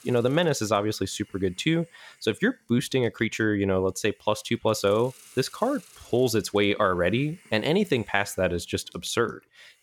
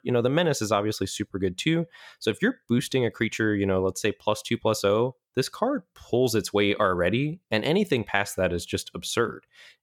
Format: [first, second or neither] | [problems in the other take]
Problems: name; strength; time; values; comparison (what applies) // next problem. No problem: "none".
second | hiss; faint; throughout; 25 dB below the speech